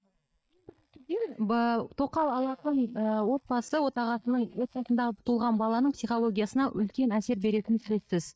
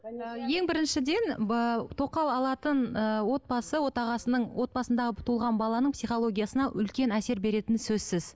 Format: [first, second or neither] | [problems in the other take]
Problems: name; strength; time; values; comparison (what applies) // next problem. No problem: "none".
second | noise reduction (neural mask model DeepFilterNet 3)